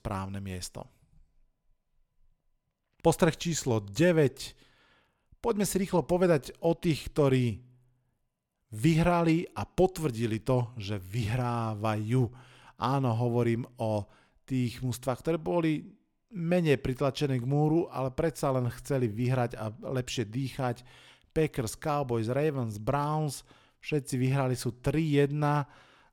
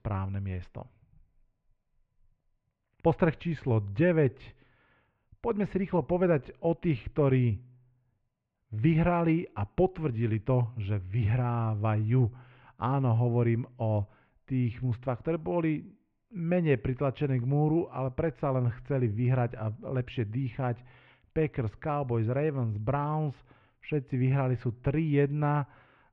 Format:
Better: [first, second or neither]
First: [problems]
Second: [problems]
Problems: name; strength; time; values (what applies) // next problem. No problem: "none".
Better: first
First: none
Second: muffled; very; fading above 2.5 kHz